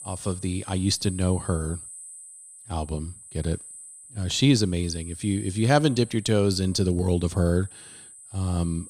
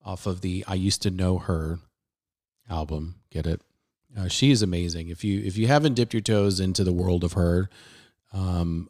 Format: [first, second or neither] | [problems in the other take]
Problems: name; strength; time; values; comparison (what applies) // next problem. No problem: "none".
second | high-pitched whine; noticeable; throughout; 8 kHz, 15 dB below the speech